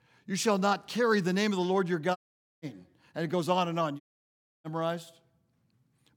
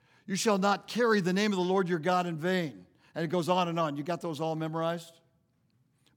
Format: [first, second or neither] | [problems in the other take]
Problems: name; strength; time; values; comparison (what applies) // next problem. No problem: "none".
second | audio cutting out; at 2 s and at 4 s for 0.5 s